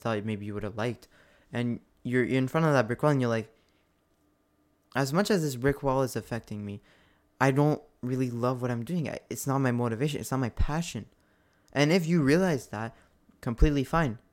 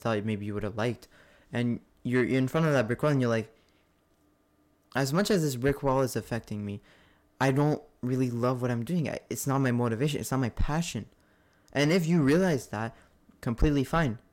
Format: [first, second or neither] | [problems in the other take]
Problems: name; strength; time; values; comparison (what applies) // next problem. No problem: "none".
first | distortion; slight; 10 dB below the speech